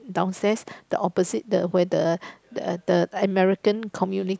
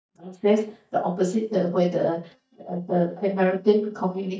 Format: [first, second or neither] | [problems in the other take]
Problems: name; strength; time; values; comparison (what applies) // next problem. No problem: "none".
first | noise reduction (neural mask model DeepFilterNet 3)